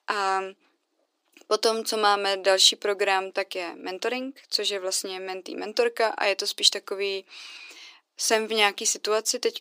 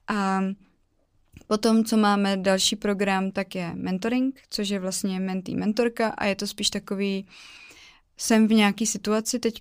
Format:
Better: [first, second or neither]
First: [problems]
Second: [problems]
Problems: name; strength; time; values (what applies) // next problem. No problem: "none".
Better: second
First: thin; very; fading below 350 Hz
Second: none